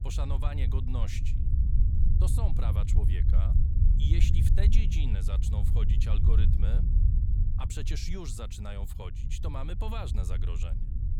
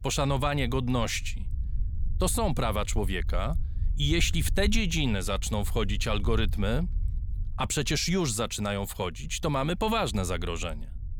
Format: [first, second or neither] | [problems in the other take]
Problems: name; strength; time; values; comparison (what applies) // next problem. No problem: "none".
second | low rumble; loud; throughout; 3 dB below the speech; faint in the second